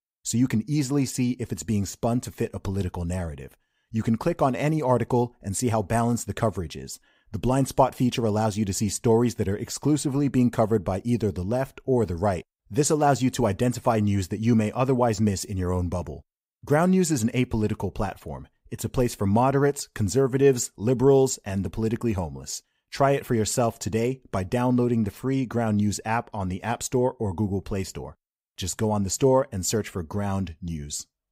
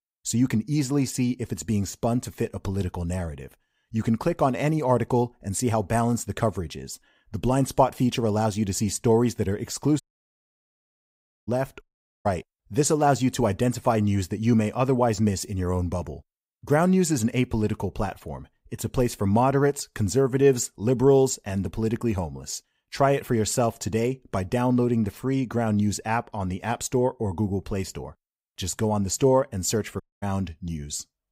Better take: first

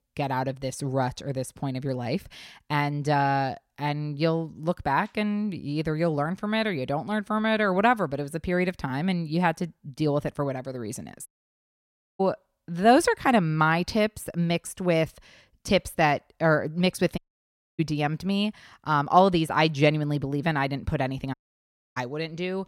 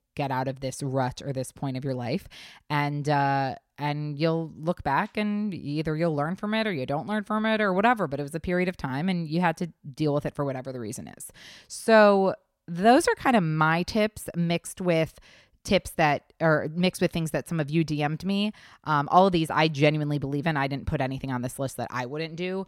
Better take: second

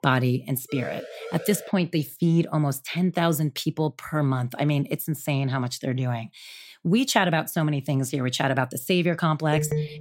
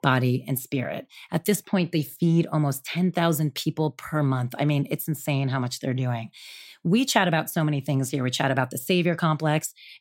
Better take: second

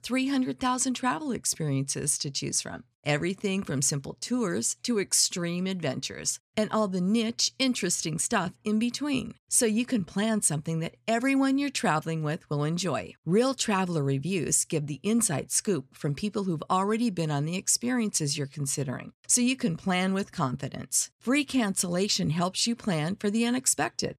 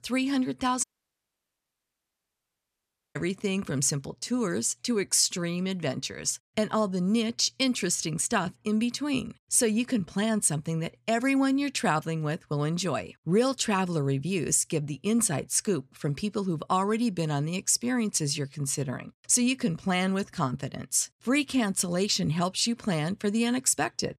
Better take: first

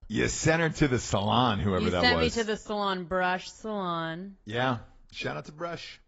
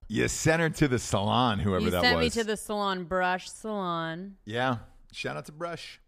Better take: second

